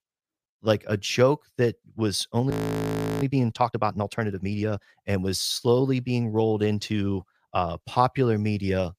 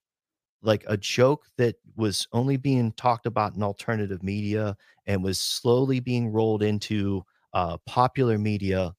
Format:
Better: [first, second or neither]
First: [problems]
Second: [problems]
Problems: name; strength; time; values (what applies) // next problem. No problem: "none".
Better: second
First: audio freezing; at 2.5 s for 0.5 s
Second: none